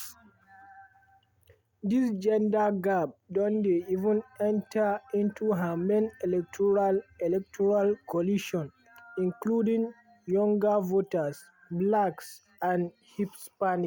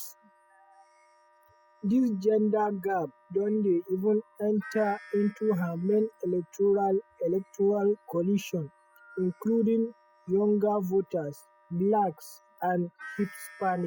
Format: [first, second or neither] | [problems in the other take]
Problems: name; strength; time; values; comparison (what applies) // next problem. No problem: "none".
first | noise reduction (classical method spectral subtraction)